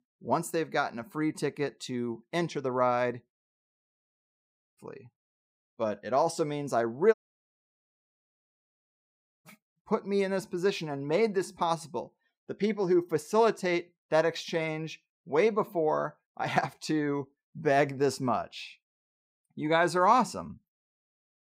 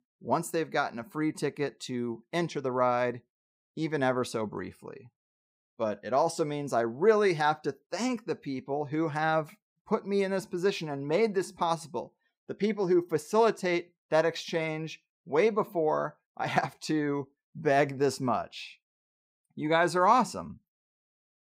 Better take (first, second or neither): second